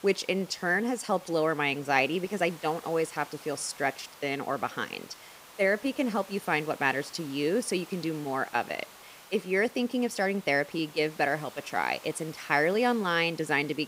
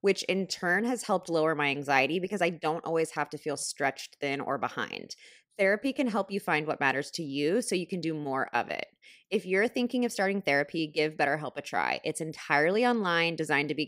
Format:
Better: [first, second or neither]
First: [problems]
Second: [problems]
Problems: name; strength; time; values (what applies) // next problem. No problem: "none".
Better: second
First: hiss; noticeable; throughout; 20 dB below the speech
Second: none